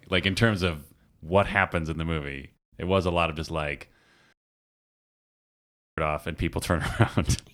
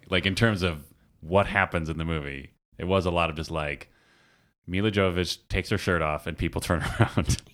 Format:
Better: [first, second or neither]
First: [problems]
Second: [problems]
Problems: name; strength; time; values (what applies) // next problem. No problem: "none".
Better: second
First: audio cutting out; at 4.5 s for 1.5 s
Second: none